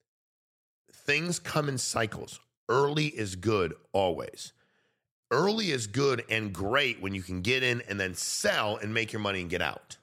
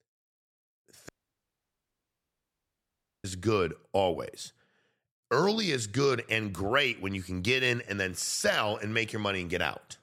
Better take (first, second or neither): first